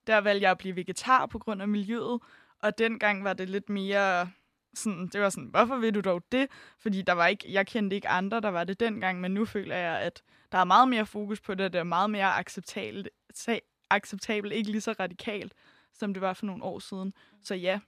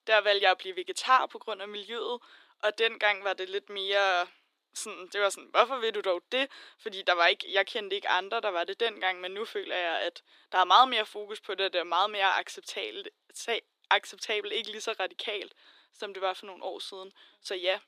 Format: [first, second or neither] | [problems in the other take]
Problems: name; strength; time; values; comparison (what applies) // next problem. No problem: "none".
first | thin; very; fading below 350 Hz